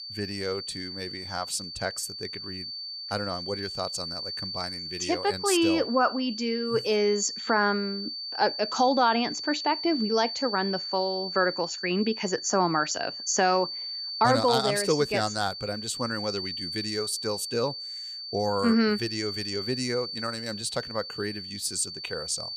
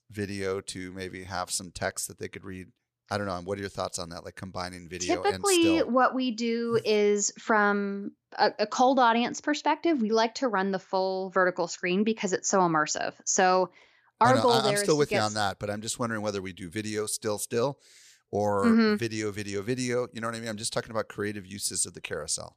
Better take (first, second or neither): second